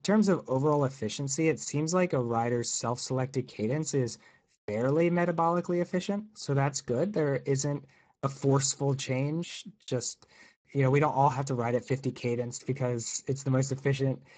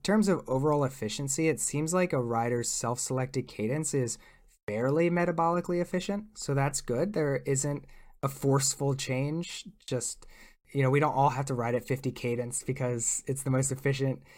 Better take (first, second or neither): second